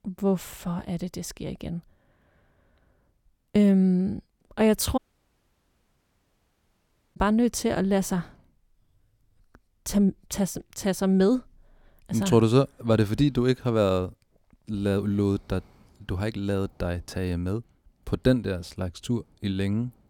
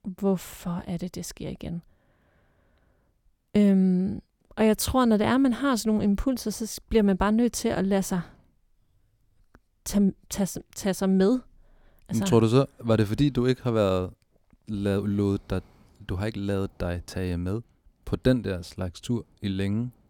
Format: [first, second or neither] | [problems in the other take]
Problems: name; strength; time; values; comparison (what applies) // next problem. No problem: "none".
second | audio cutting out; at 5 s for 2 s